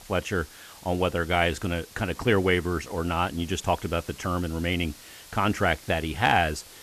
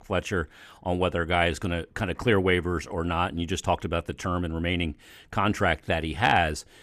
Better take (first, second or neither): second